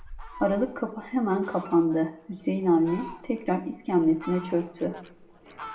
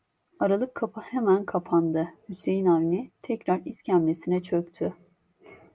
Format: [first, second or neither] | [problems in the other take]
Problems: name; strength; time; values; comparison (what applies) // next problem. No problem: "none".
second | background sound (Fowl); 18 dB below the speech // room echo; dies away in 0.9 s